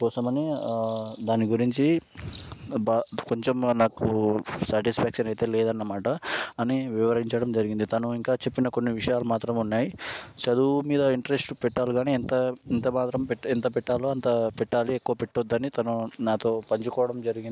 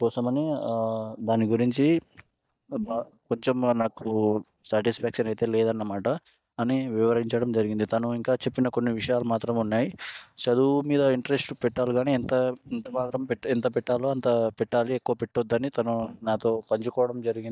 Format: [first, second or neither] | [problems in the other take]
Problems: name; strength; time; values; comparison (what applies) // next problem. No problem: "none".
first | noise reduction (neural mask model DeepFilterNet 3)